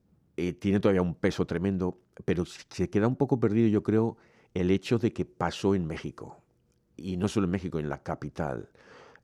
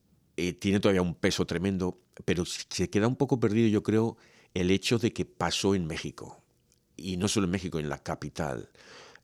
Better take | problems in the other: second | muffled; slightly; fading above 2.5 kHz

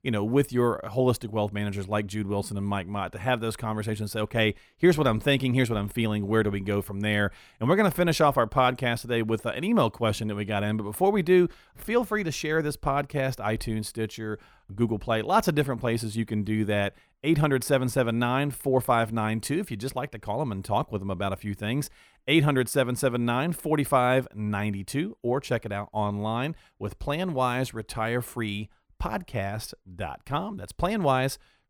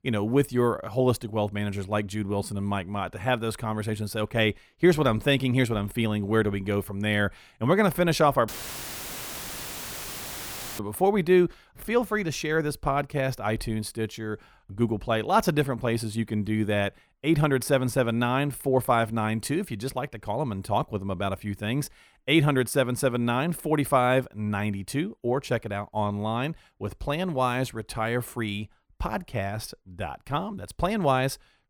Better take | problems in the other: first | audio cutting out; filled with static; at 8.5 s for 2.5 s

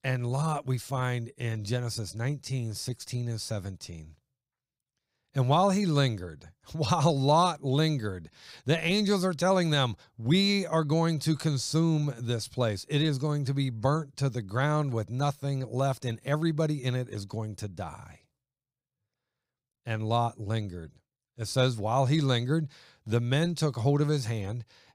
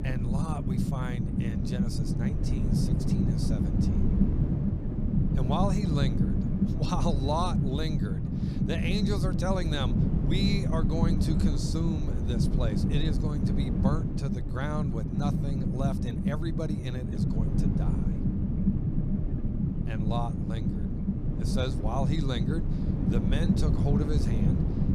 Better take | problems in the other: first | low rumble; loud; throughout; 1 dB below the speech

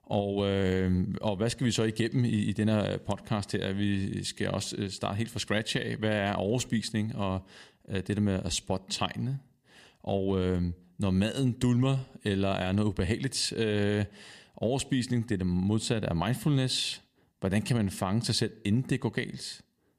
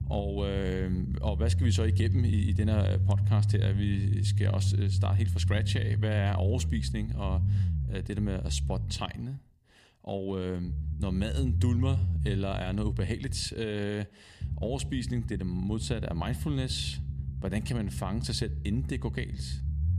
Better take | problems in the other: first | low rumble; loud; throughout; 9 dB below the speech

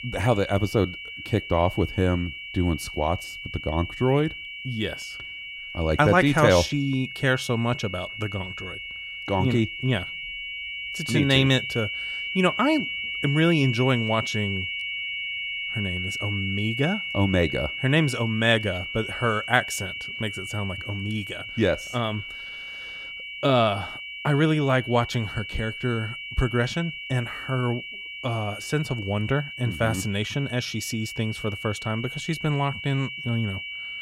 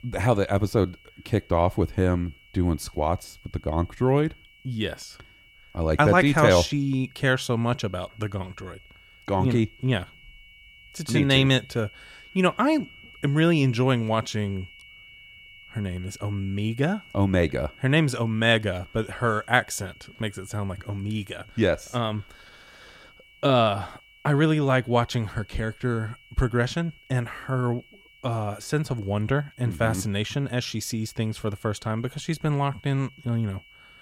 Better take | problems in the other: second | high-pitched whine; loud; throughout; 2 kHz, 7 dB below the speech; faint in the second

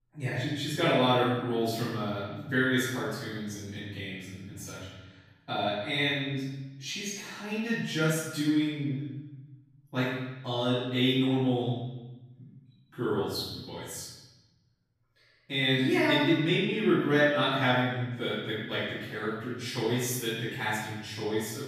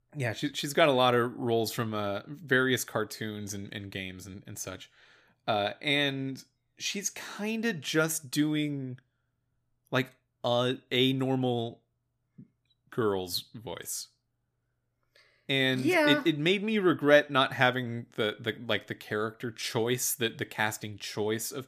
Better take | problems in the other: second | off-mic speech; far // room echo; strong; dies away in 1.1 s

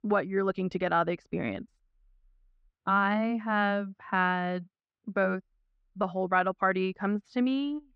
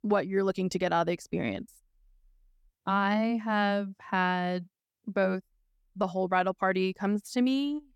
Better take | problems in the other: second | muffled; slightly; fading above 3 kHz

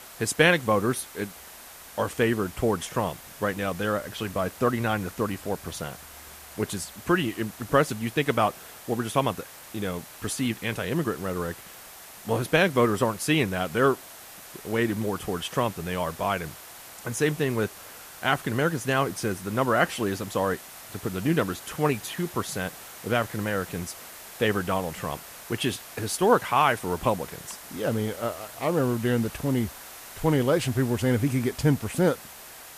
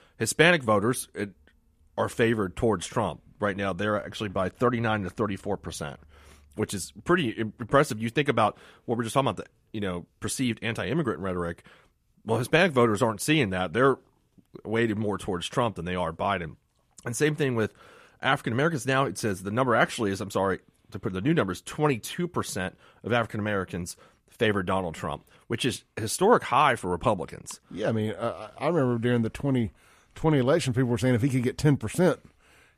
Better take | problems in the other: second | hiss; noticeable; throughout; 15 dB below the speech

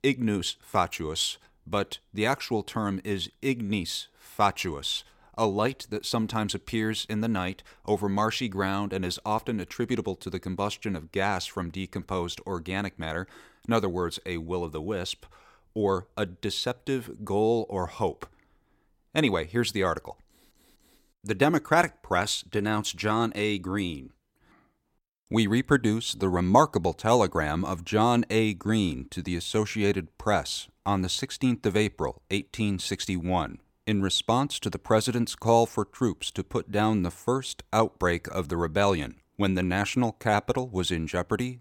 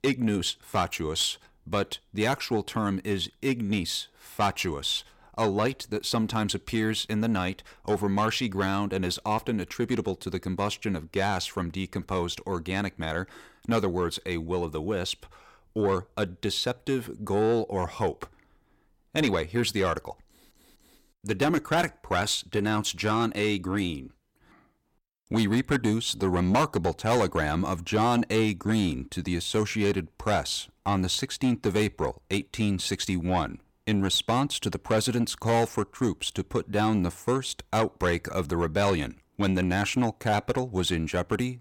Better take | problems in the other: first | distortion; slight; 10 dB below the speech

